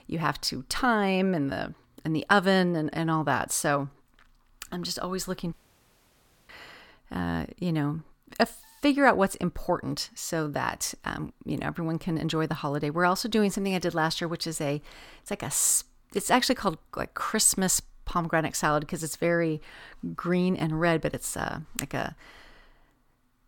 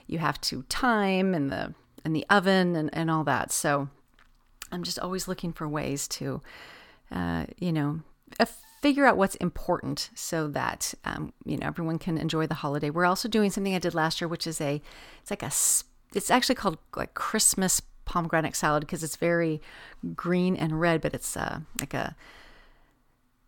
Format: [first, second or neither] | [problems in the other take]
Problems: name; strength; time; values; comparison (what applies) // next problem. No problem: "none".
second | audio cutting out; at 5.5 s for 1 s